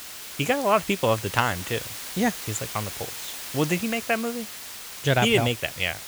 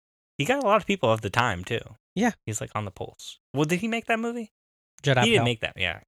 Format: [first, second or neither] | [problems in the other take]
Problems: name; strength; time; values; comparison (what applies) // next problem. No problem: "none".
second | hiss; loud; throughout; 9 dB below the speech